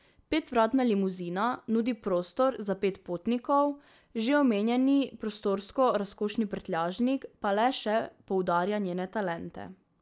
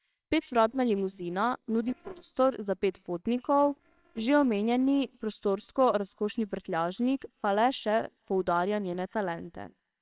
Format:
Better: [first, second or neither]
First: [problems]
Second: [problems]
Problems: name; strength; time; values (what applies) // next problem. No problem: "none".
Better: first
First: none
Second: noise reduction (neural separator model SepFormer WHAMR!)